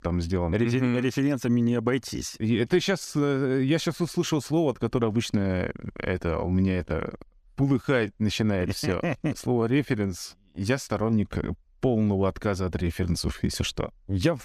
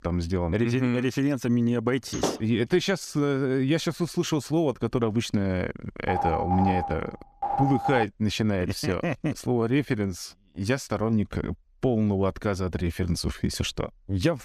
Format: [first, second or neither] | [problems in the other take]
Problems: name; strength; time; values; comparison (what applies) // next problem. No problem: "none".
first | door banging; noticeable; at 2 s; peak 4 dB below the speech // phone ringing; noticeable; from 6 to 8 s; peak 1 dB below the speech